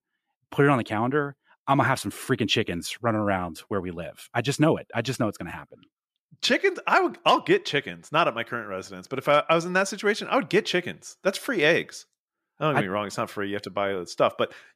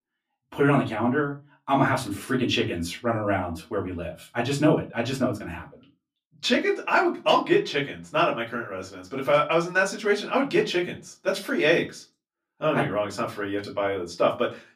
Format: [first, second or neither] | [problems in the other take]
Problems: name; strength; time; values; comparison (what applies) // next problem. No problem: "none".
first | off-mic speech; far // room echo; very slight; dies away in 0.2 s